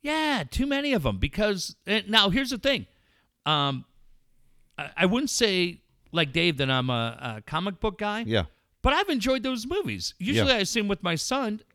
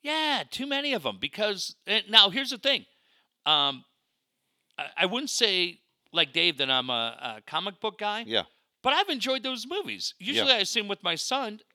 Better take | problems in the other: first | thin; somewhat; fading below 300 Hz

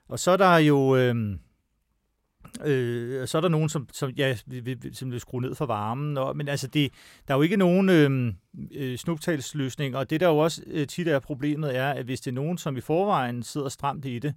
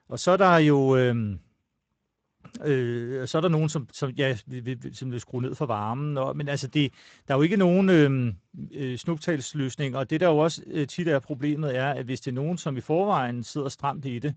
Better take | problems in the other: first | garbled, watery; slightly; nothing above 7.5 kHz

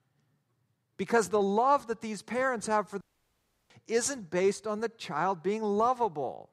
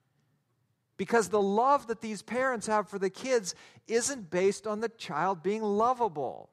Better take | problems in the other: second | audio cutting out; at 3 s for 0.5 s

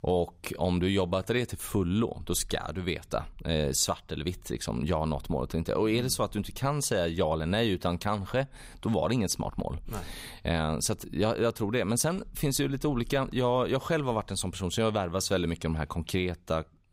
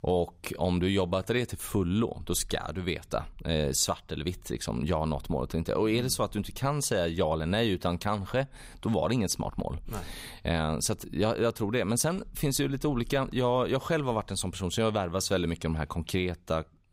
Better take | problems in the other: neither | none

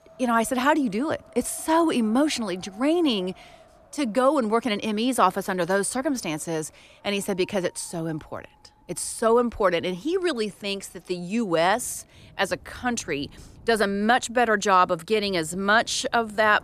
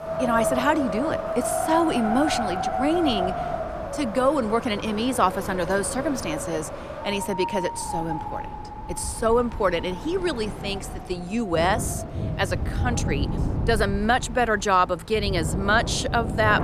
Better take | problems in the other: first | wind in the background; loud; throughout; 5 dB below the speech; faint in the first

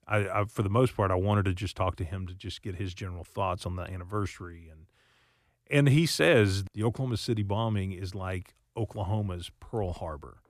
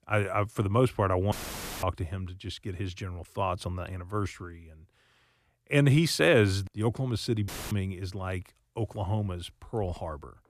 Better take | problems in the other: first | audio cutting out; filled with static; at 1.5 s for 0.5 s and at 7.5 s

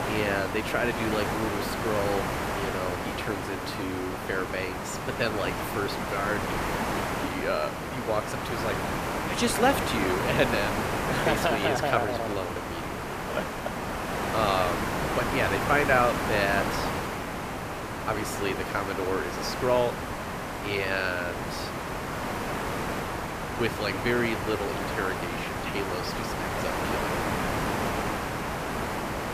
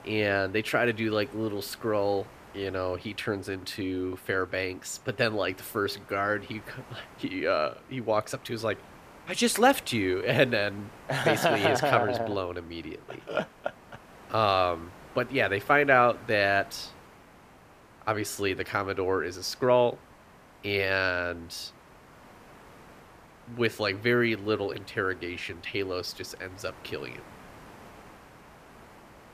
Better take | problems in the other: second | hiss; loud; throughout; 1 dB below the speech; faint in the second

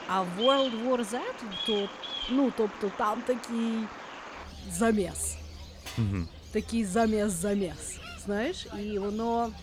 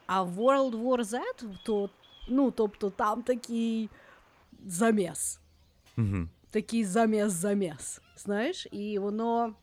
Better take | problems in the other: second | animal sounds; loud; throughout; 9 dB below the speech; faint in the second

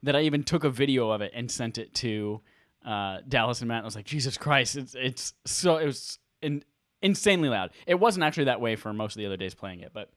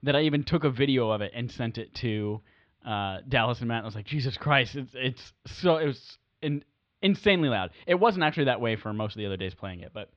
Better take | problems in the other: first | muffled; slightly; fading above 4 kHz

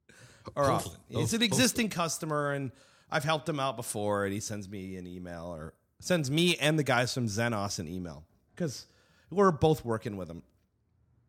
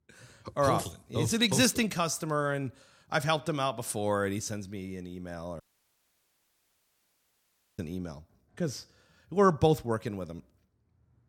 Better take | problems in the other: first | audio cutting out; at 5.5 s for 2 s

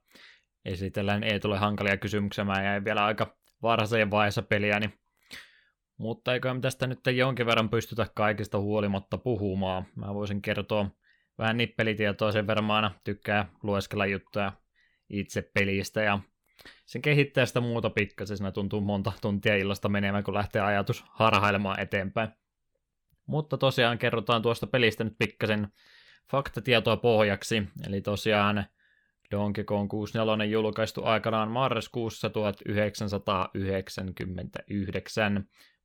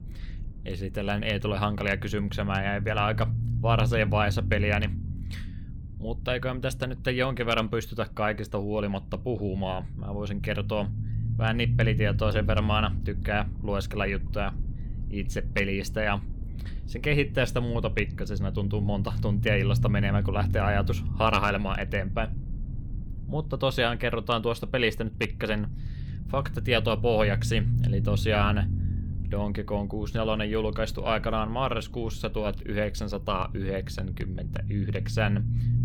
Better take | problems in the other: first | low rumble; noticeable; throughout; 15 dB below the speech

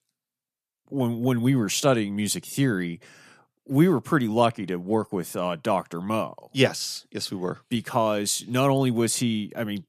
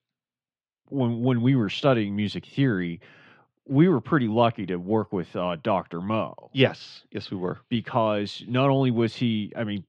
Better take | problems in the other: first | muffled; slightly; fading above 3.5 kHz

